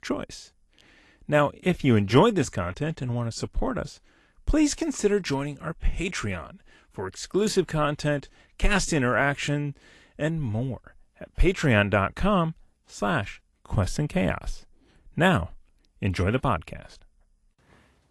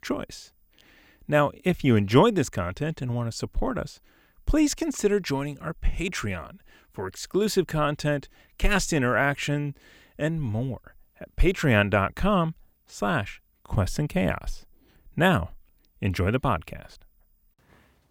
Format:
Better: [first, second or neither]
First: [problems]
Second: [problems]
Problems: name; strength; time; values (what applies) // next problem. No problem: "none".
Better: second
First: garbled, watery; slightly; nothing above 11.5 kHz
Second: none